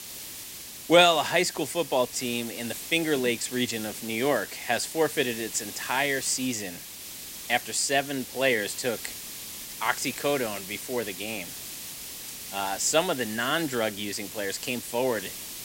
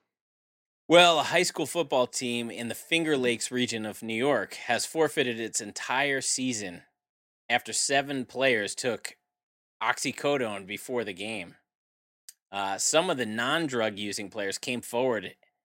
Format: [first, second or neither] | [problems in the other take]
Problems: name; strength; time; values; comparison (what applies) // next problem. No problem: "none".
second | hiss; noticeable; throughout; 10 dB below the speech